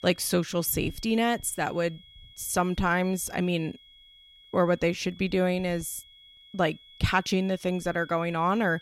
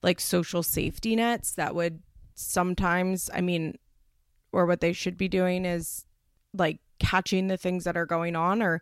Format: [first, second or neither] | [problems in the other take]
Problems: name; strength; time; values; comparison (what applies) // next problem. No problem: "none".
second | high-pitched whine; faint; throughout; 3.5 kHz, 25 dB below the speech